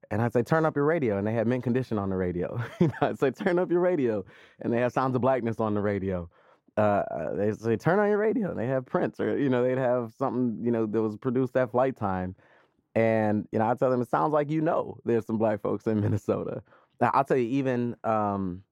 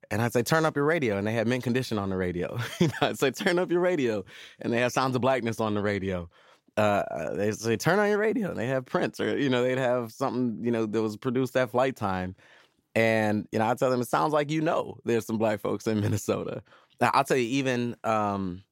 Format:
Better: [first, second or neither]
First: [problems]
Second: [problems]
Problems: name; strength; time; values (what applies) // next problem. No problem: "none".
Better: second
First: muffled; very; fading above 2 kHz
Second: none